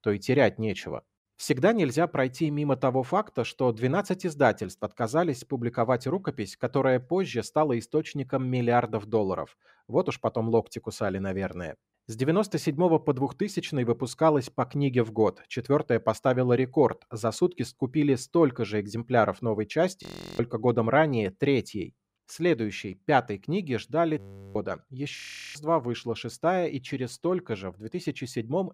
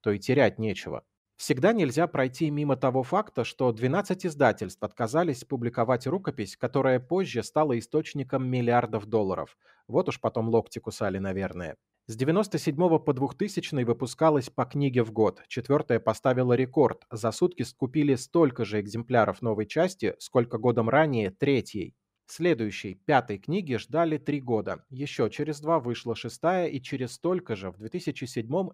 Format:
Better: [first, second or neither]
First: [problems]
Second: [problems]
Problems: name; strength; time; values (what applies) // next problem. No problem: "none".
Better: second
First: audio freezing; at 20 s, at 24 s and at 25 s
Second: none